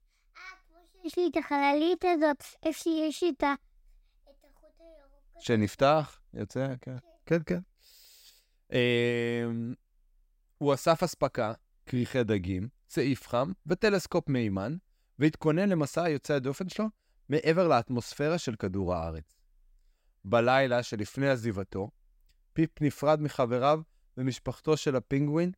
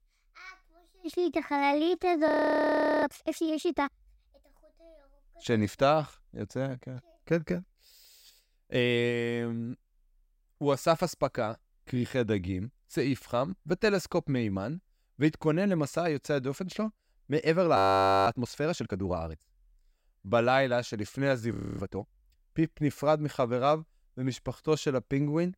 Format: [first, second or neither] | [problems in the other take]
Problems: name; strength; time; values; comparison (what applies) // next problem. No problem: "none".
first | audio freezing; at 2.5 s for 1 s, at 18 s for 0.5 s and at 22 s